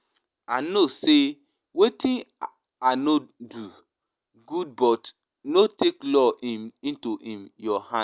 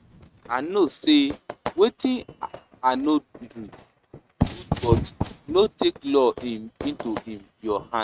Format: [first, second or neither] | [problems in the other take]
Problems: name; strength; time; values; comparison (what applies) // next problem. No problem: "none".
first | noise reduction (neural mask model RNNoise)